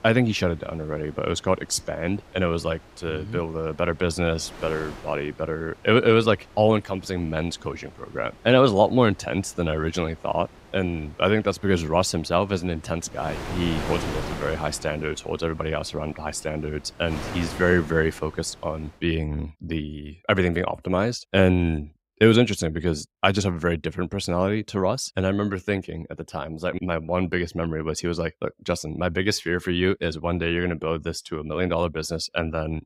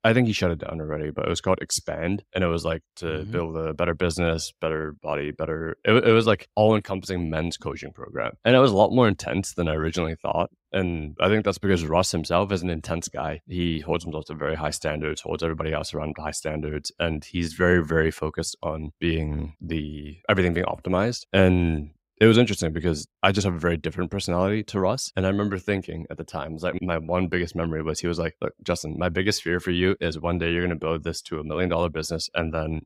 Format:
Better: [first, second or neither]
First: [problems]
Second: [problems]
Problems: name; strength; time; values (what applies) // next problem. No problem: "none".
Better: second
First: wind noise on the microphone; occasional gusts; until 19 s; 15 dB below the speech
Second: none